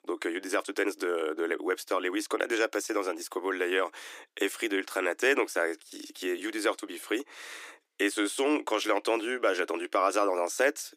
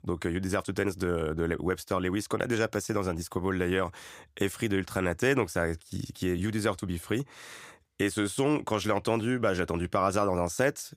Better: second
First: thin; somewhat; fading below 300 Hz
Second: none

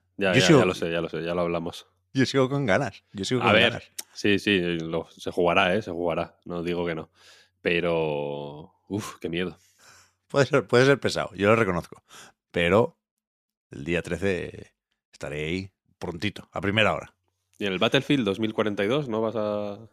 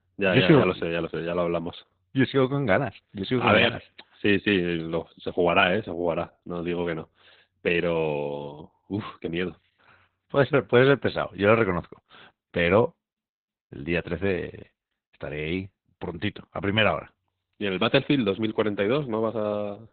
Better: first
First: none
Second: garbled, watery; badly; nothing above 3.5 kHz

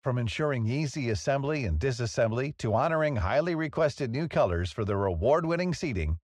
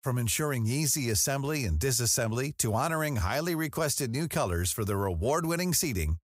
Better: second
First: muffled; very; fading above 3.5 kHz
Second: none

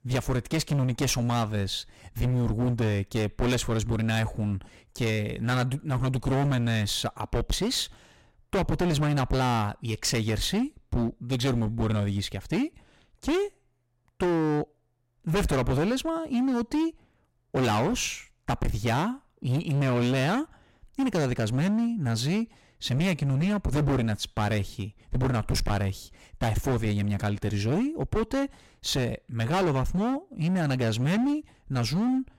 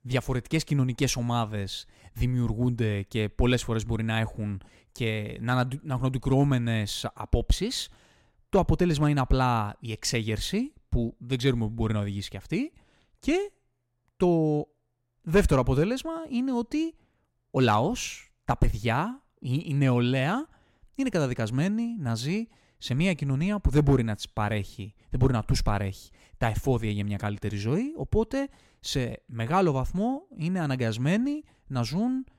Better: second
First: distortion; heavy; 20% of the sound clipped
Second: none

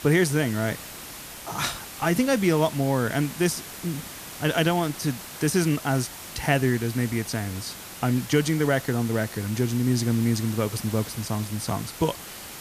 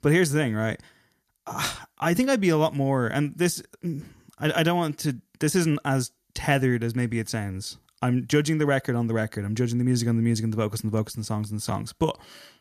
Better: second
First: hiss; noticeable; throughout; 10 dB below the speech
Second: none

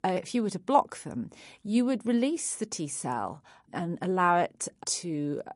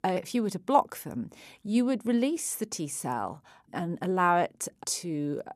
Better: second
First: garbled, watery; slightly; nothing above 11 kHz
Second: none

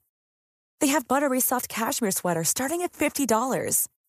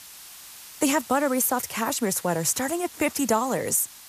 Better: first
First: none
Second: hiss; noticeable; throughout; 20 dB below the speech

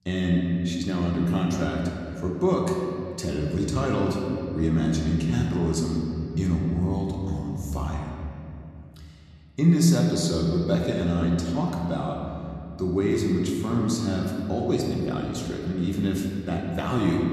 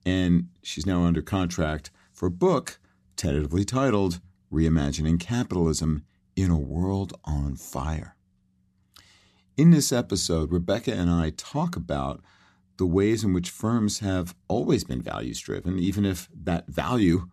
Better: second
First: room echo; noticeable; dies away in 2.5 s // off-mic speech; somewhat distant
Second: none

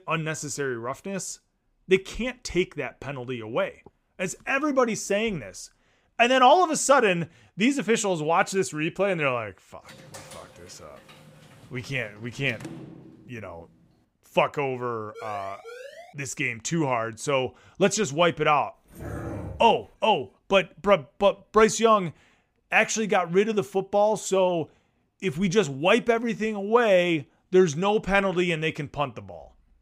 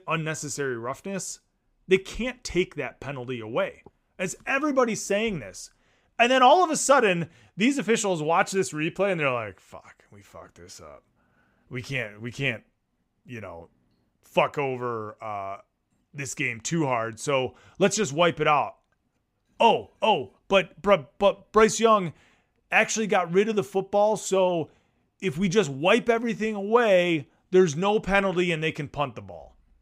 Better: second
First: door banging; faint; from 10 to 14 s; peak 15 dB below the speech // siren; faint; at 15 s; peak 20 dB below the speech // dog barking; faint; at 19 s; peak 10 dB below the speech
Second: none

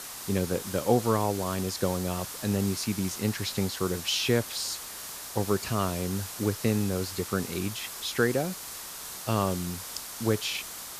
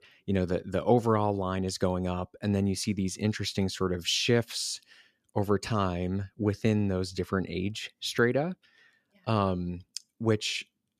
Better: second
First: hiss; loud; throughout; 8 dB below the speech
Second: none

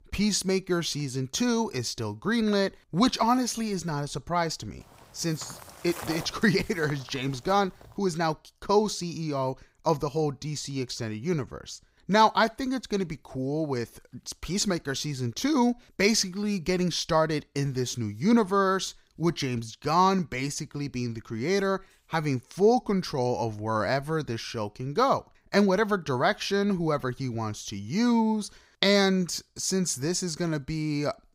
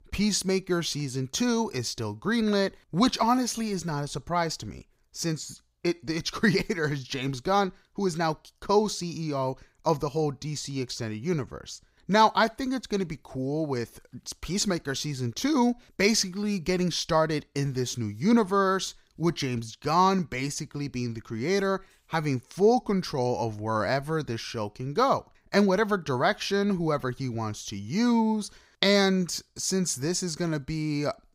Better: second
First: footsteps; noticeable; from 5 to 8 s; peak 10 dB below the speech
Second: none

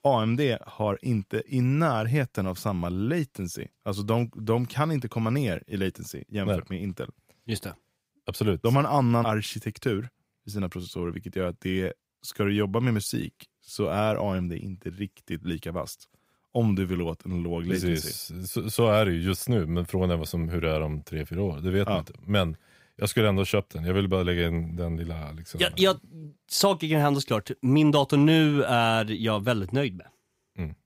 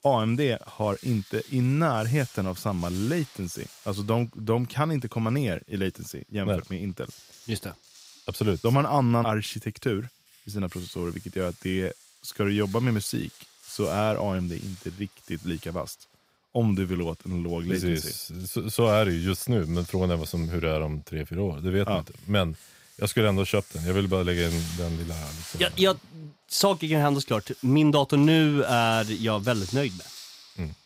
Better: first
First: none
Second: household noises; noticeable; throughout; 20 dB below the speech

